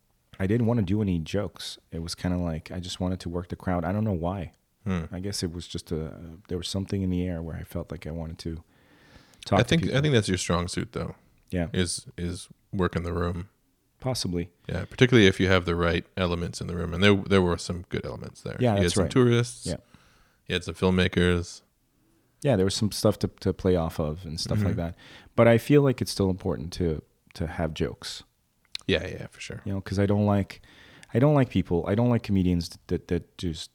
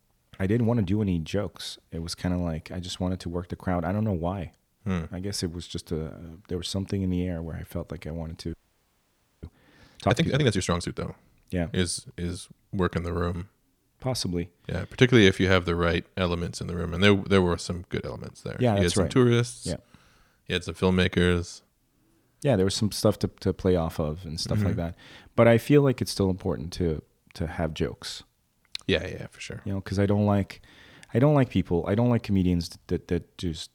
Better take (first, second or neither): first